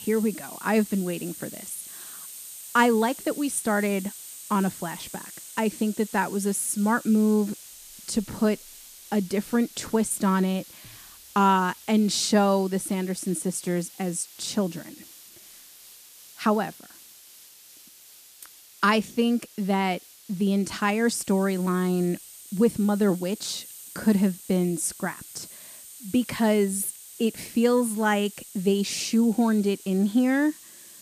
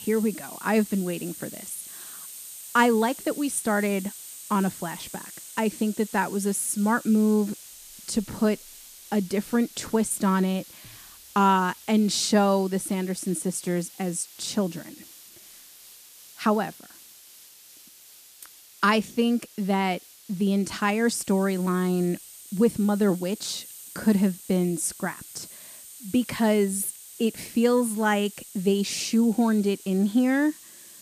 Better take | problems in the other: neither | hiss; noticeable; throughout; 15 dB below the speech; the same in both

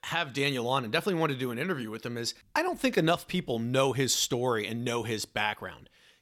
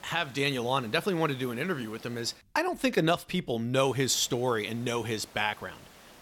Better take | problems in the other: first | hiss; faint; until 2.5 s and from 4 s on; 25 dB below the speech

